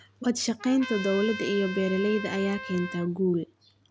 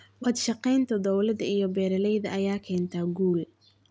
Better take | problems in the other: second | background sound (Trumpet); 11 dB below the speech

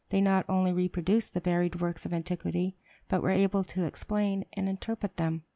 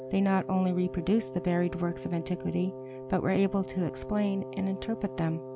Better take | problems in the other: first | background sound (Wind instrument, woodwind instrument); 11 dB below the speech

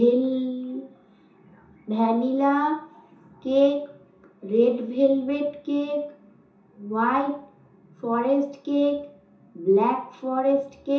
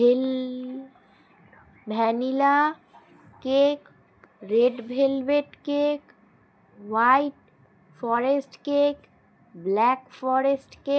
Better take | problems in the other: second | room echo; dies away in 0.6 s

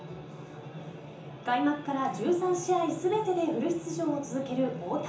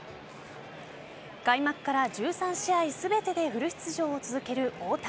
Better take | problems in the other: second | room echo; dies away in 0.7 s

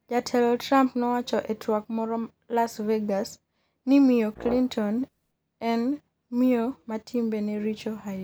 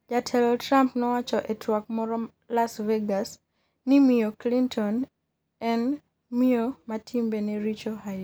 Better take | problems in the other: second | background sound (Brass instrument); 14 dB below the speech

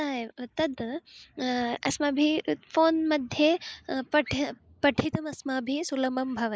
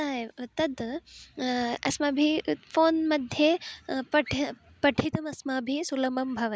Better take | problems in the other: second | noise reduction (neural mask model Resemble Enhance denoiser)

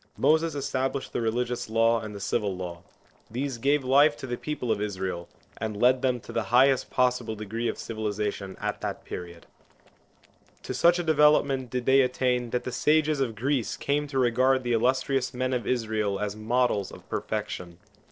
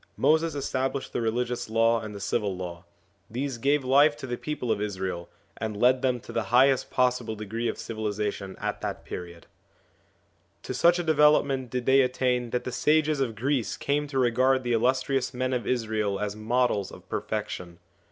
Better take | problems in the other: second | noise reduction (neural separator model SepFormer DNS4)

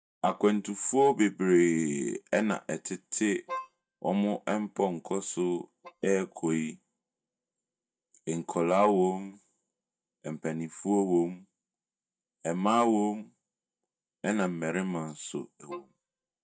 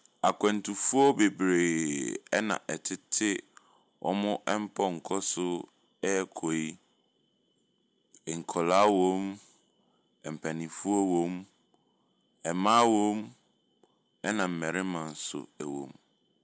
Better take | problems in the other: second | noise reduction (neural mask model DeepFilterNet 3)

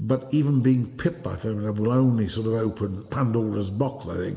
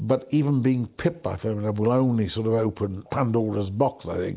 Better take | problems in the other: second | room echo; dies away in 1.6 s

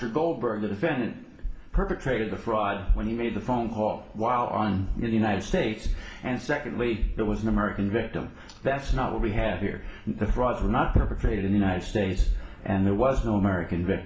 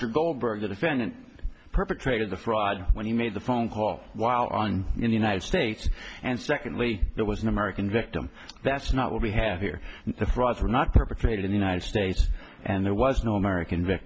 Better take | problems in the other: second | room echo; dies away in 0.9 s

